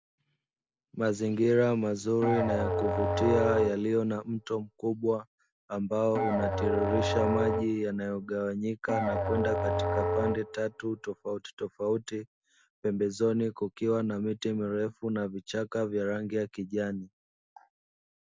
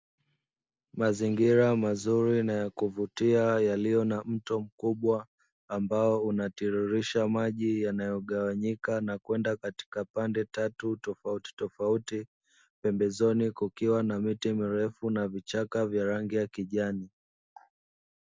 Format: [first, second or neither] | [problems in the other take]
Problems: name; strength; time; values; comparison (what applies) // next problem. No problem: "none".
second | background sound (Musical instrument); 1 dB below the speech